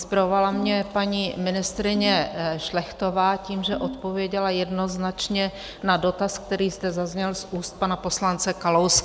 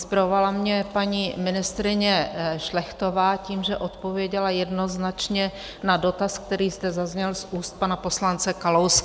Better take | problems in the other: second | background sound (Ringtone); 12 dB below the speech

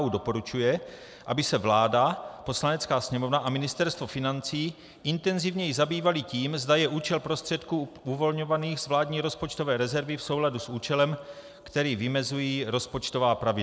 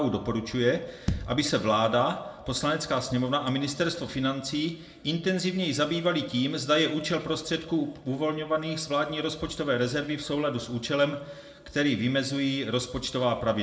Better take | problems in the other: first | background sound (Bass drum); 8 dB below the speech // room echo; dies away in 0.5 s

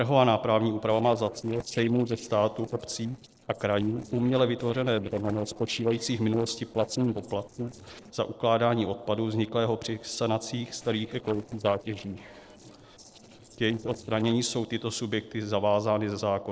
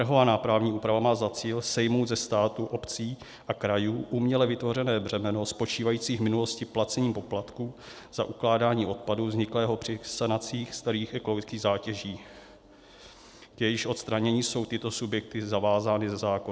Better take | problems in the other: second | noise reduction (neural separator model SepFormer DNS4)

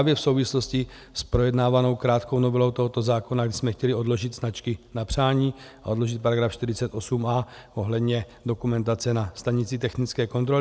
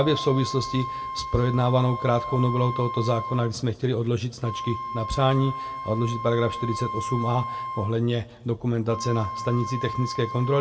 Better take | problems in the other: first | background sound (Wind instrument, woodwind instrument); 8 dB below the speech // room echo; dies away in 1.8 s

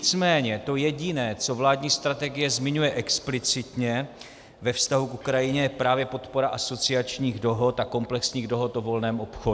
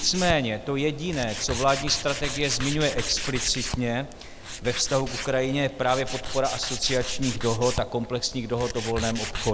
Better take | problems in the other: first | background sound (Tools); 6 dB below the speech

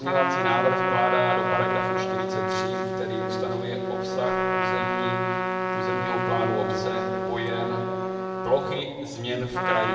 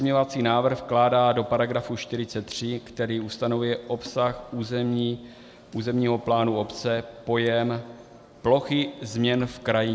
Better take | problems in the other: second | background sound (Trumpet); 2 dB above the speech // room echo; dies away in 2.1 s

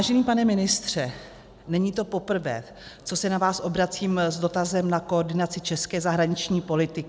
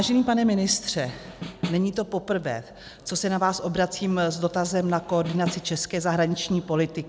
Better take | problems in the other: first | background sound (Snare drum); 10 dB below the speech

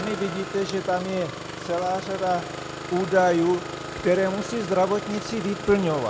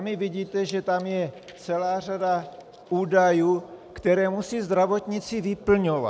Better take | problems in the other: second | background sound (Engine starting); 9 dB below the speech

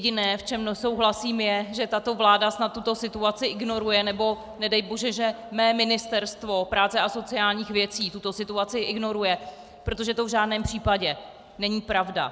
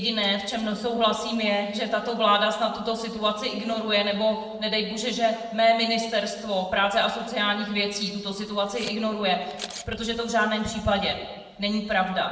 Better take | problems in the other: first | noise reduction (neural separator model SepFormer DNS4)

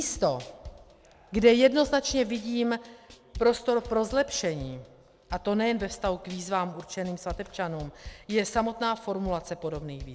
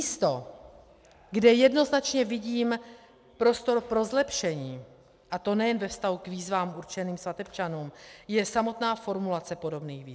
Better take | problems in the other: second | background sound (Drum / Drum kit); 18 dB below the speech

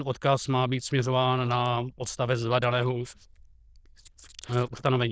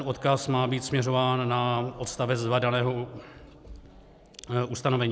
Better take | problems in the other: second | noise reduction (neural diffusion model UNIVERSE++)

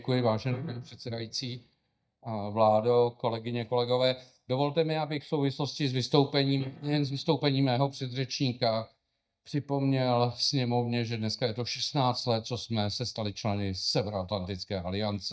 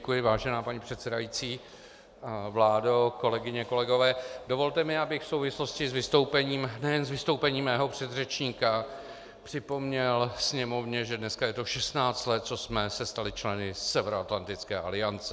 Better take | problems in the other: second | noise reduction (neural mask model DeepFilterNet 3)

